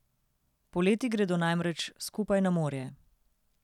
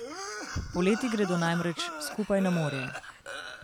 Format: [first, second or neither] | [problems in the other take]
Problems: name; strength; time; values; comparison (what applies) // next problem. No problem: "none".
first | background sound (Cough); 8 dB below the speech